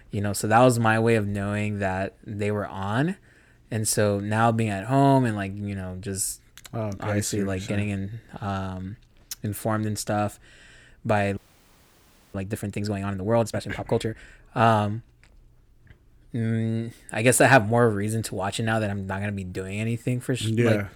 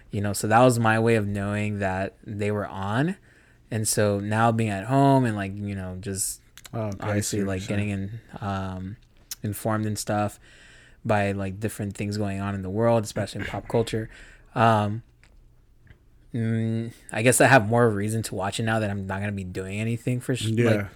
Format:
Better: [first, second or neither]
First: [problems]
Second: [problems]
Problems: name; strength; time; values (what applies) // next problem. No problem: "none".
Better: second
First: audio freezing; at 11 s for 1 s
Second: none